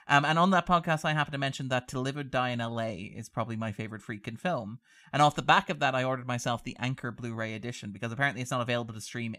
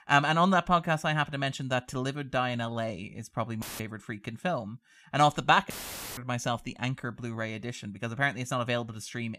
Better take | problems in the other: first | audio cutting out; filled with static; at 3.5 s and at 5.5 s

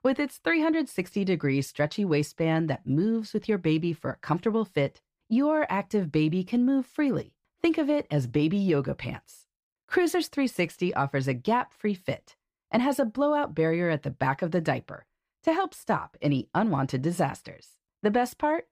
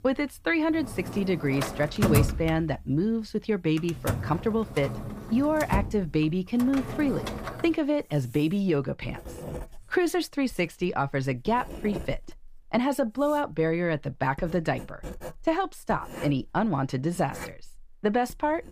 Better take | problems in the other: first | household noises; loud; throughout; 7 dB below the speech

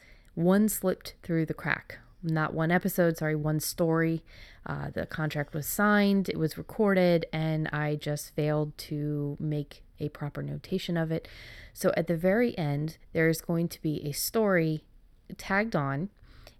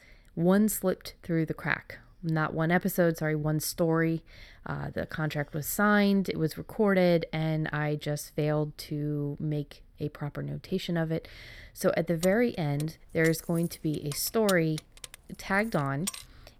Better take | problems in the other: first | jangling keys; noticeable; from 12 s on; peak 8 dB below the speech

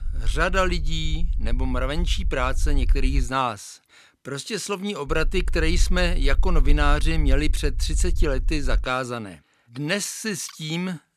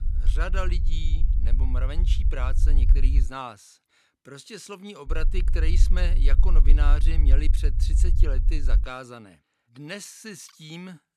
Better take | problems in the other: first | low rumble; loud; until 3 s and from 5 to 9 s; 9 dB below the speech; faint in the first

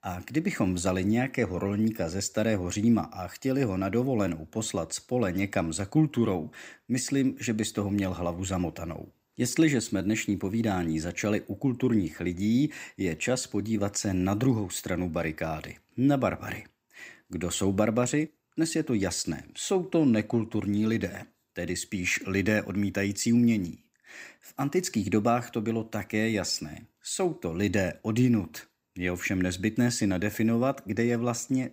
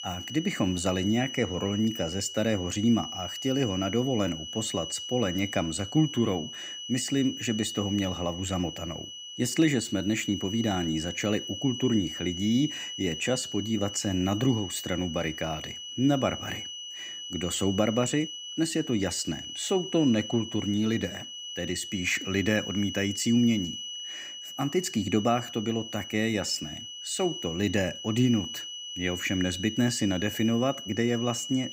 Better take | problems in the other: first | high-pitched whine; loud; throughout; 3 kHz, 8 dB below the speech

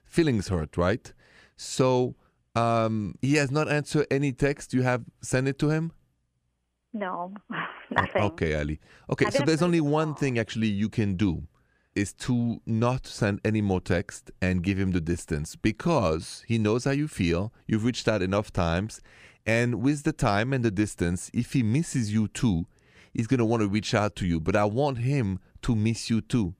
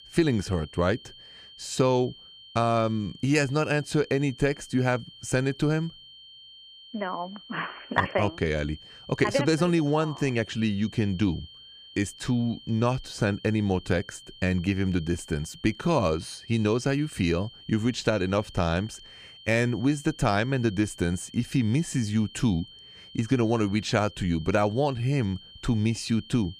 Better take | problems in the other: first | high-pitched whine; noticeable; throughout; 3 kHz, 20 dB below the speech

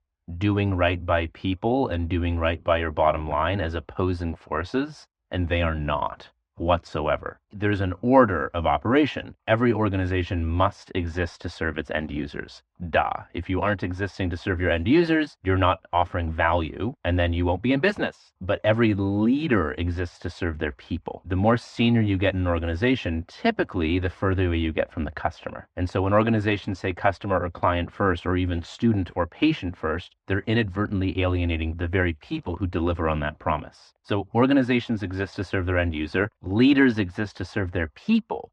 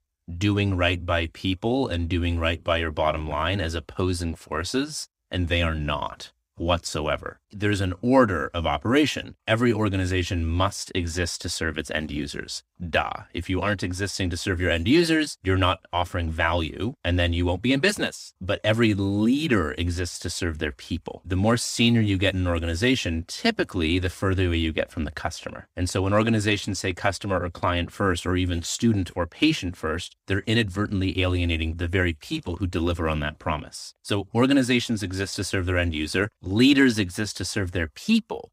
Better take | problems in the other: second | muffled; very; fading above 2.5 kHz

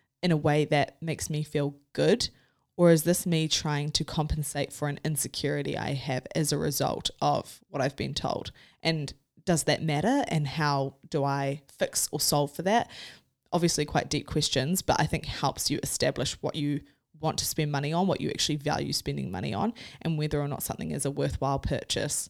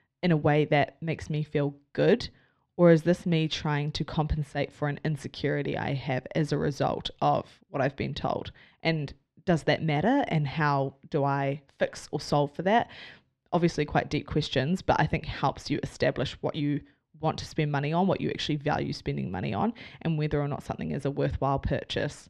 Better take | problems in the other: first | muffled; slightly; fading above 2.5 kHz

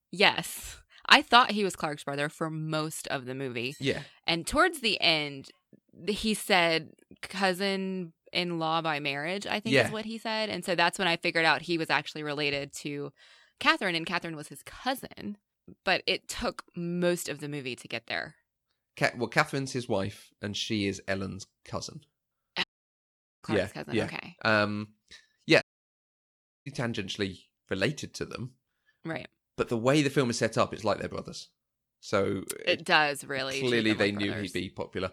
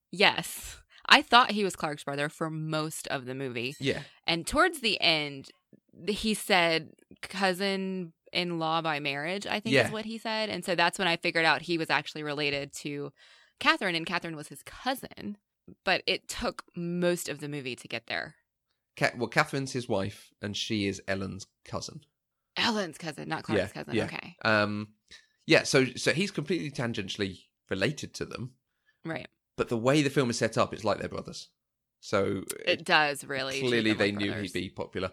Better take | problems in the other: second | audio cutting out; at 23 s for 1 s and at 26 s for 1 s

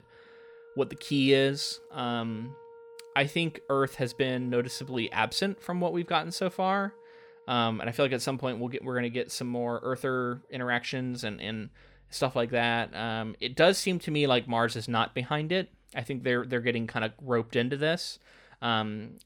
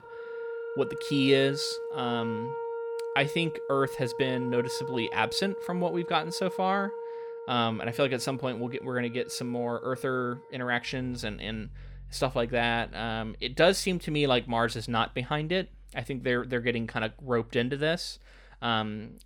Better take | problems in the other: first | background music; loud; throughout; 9 dB below the speech; faint in the first

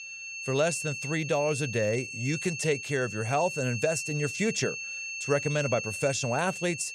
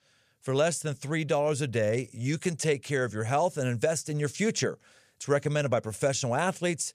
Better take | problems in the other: second | high-pitched whine; loud; throughout; 2.5 kHz, 6 dB below the speech

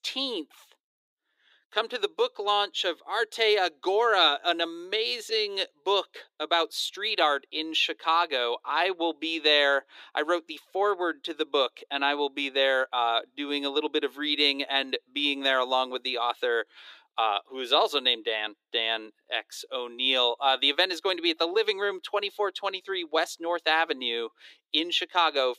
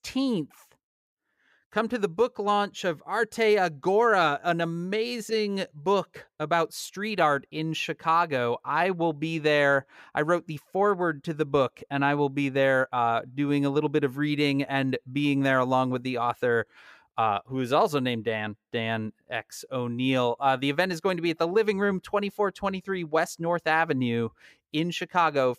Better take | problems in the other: second | thin; somewhat; fading below 300 Hz

